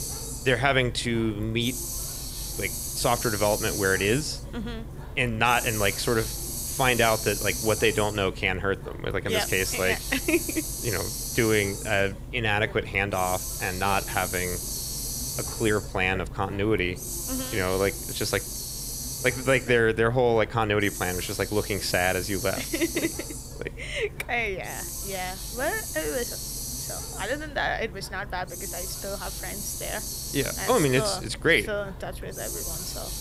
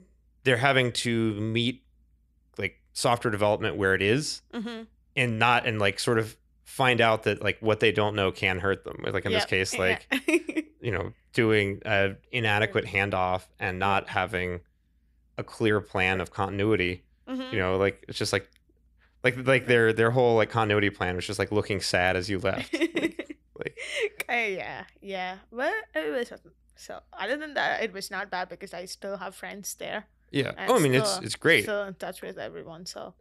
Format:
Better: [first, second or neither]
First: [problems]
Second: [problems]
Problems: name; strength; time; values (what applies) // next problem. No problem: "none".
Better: second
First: hiss; loud; throughout; 6 dB below the speech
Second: none